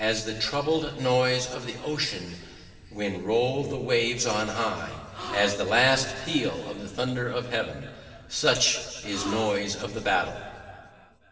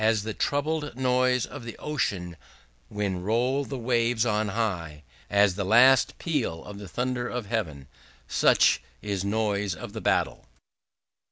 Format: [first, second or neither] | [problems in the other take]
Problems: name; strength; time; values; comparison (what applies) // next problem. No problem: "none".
second | background sound (Gasp); 12 dB below the speech // room echo; dies away in 2.2 s